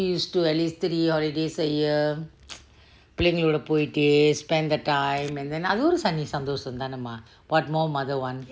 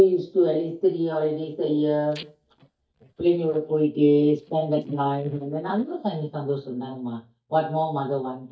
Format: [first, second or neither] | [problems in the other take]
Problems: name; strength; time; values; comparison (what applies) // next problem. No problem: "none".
first | noise reduction (neural mask model DeepFilterNet 3)